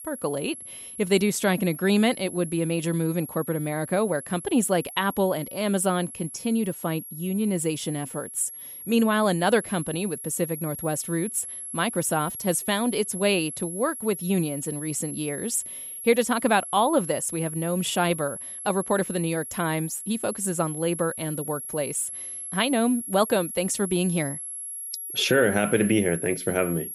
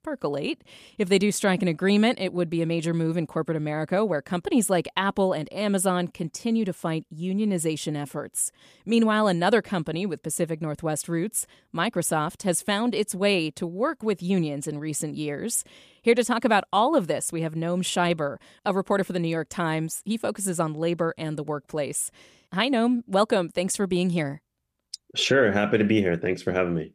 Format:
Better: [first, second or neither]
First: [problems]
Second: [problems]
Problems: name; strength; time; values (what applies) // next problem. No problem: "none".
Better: second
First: high-pitched whine; loud; throughout; 11 kHz, 9 dB below the speech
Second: none